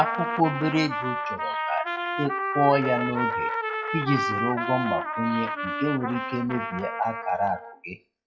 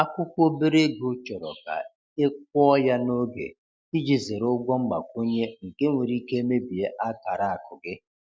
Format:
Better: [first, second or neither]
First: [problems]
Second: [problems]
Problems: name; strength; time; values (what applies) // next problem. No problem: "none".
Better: second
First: noise reduction (classical method WPE with log-MMSE)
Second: none